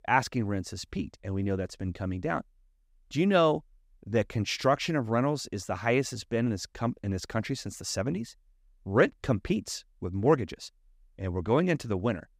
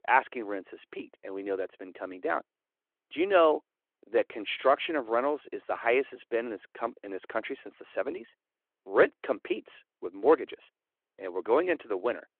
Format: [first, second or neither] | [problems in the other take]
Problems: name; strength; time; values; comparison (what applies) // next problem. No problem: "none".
first | phone-call audio